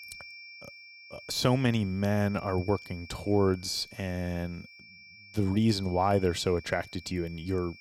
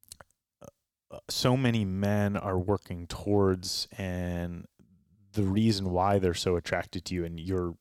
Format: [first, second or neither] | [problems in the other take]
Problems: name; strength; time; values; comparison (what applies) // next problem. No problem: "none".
second | high-pitched whine; noticeable; throughout; 2.5 kHz, 20 dB below the speech